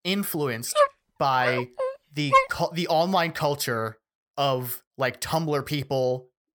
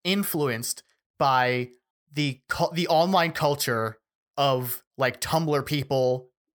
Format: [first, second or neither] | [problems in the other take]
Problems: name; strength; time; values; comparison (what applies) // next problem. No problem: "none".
second | dog barking; loud; from 1 to 2.5 s; peak 5 dB above the speech